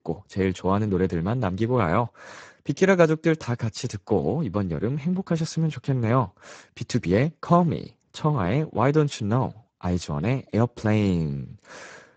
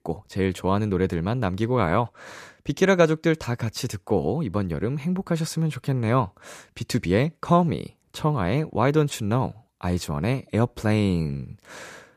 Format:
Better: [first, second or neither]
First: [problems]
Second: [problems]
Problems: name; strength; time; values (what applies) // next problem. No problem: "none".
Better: second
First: garbled, watery; badly; nothing above 8 kHz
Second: none